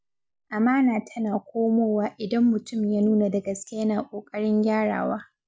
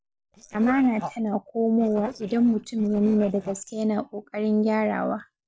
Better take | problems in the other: first | noise reduction (neural separator model SepFormer DNS4)

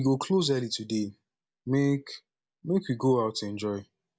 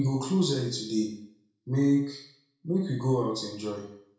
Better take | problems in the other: first | room echo; dies away in 0.5 s

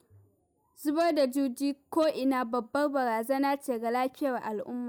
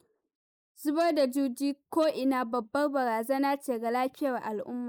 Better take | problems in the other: first | noise reduction (neural mask model Resemble Enhance denoiser)

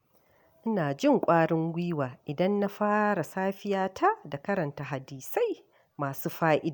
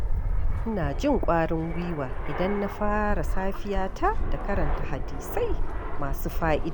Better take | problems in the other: first | background sound (Fixed-wing aircraft, airplane); 3 dB above the speech

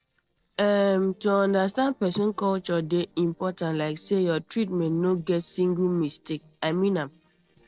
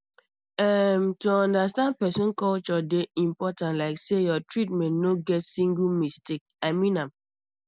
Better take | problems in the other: second | noise reduction (neural separator model SepFormer DNS4)

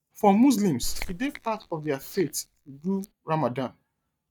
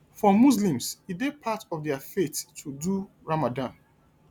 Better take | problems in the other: second | noise reduction (neural mask model DeepFilterNet 3)

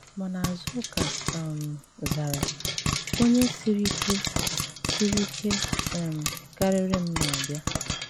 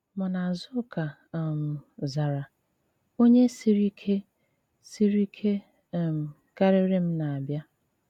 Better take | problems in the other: second | background sound (Frying (food)); 2 dB below the speech

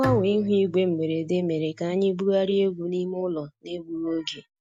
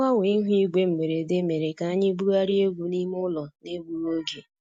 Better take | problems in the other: second | background sound (Bowed string instrument); 13 dB below the speech

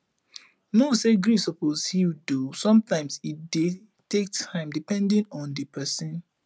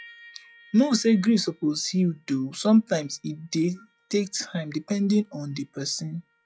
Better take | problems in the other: first | noise reduction (classical method log-MMSE)

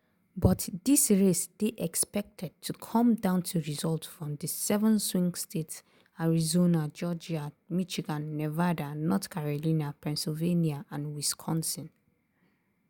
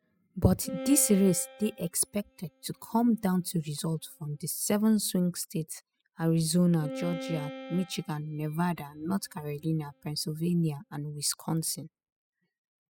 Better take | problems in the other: first | noise reduction (classical method spectral subtraction)

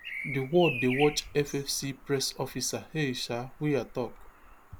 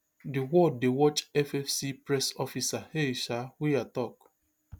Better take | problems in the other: second | background sound (Bird vocalization, bird call, bird song); 11 dB below the speech

